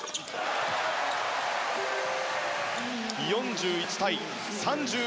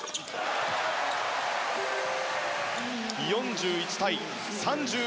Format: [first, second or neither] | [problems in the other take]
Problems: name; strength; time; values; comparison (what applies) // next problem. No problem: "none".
second | background sound (Chink, clink); 17 dB below the speech